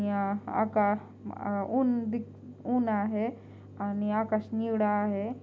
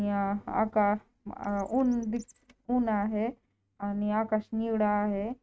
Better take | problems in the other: first | noise reduction (neural mask model RNNoise)

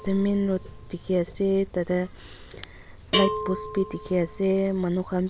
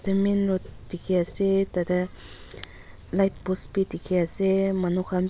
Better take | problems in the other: second | background sound (Bell); 9 dB below the speech

